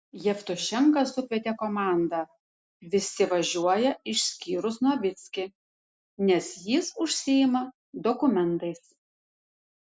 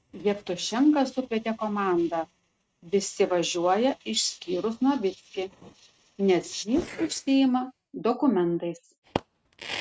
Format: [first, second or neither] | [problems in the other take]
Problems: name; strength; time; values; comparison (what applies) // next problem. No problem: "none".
first | noise reduction (neural mask model RNNoise)